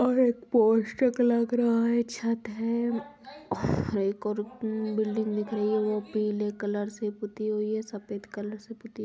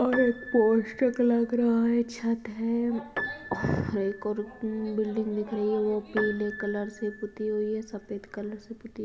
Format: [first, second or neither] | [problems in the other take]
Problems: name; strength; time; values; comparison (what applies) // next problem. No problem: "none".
first | background sound (Piano); 14 dB below the speech // room echo; dies away in 1.3 s